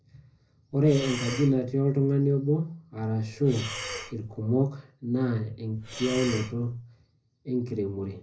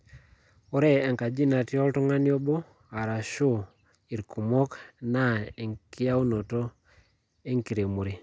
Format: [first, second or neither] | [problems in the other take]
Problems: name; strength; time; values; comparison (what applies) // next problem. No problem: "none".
second | background sound (Breathing); 11 dB below the speech // room echo; dies away in 0.4 s